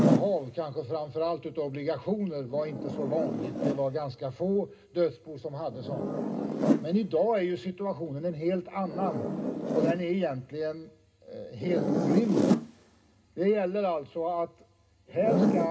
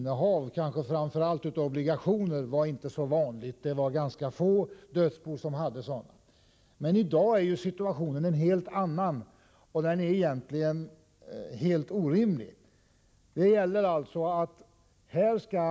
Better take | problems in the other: second | background sound (Zipper (clothing)); 1 dB below the speech // room echo; dies away in 0.2 s

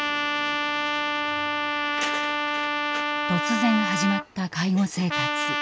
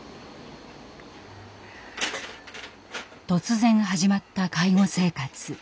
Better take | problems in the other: second | background sound (Trumpet); 2 dB above the speech

